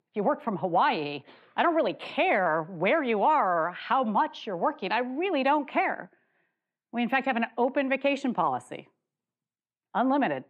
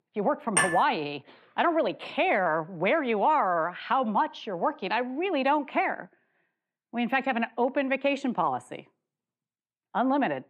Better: first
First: none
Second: clattering dishes; loud; at 0.5 s; peak 2 dB above the speech

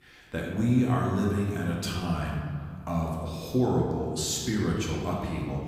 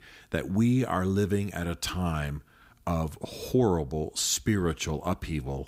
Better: second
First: room echo; noticeable; dies away in 1.7 s // off-mic speech; far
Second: none

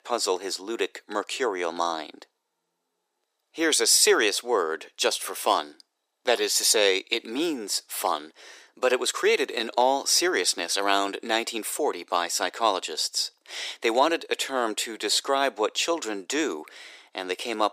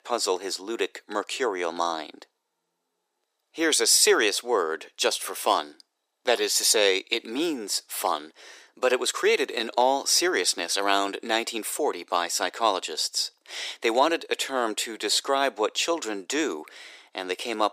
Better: neither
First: thin; very; fading below 400 Hz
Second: thin; very; fading below 400 Hz

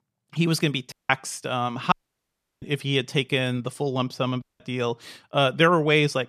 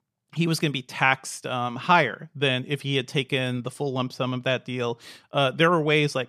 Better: second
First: audio cutting out; at 1 s, at 2 s for 0.5 s and at 4.5 s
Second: none

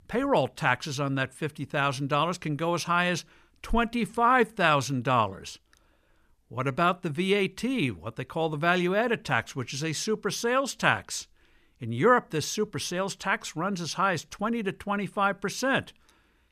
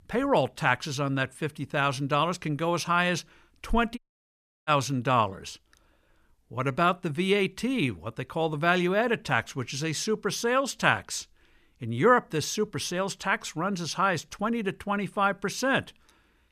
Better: first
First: none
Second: audio cutting out; at 4 s for 0.5 s

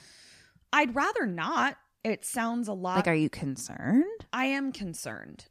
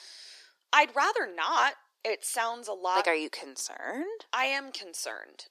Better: first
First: none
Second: thin; very; fading below 350 Hz

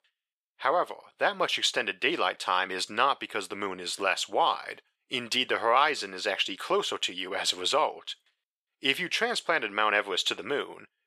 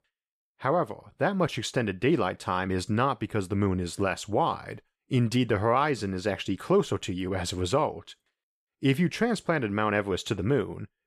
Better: second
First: thin; very; fading below 600 Hz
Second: none

